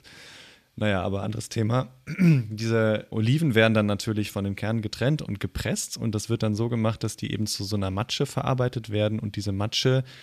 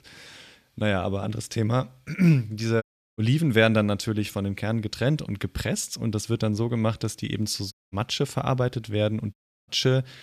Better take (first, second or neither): first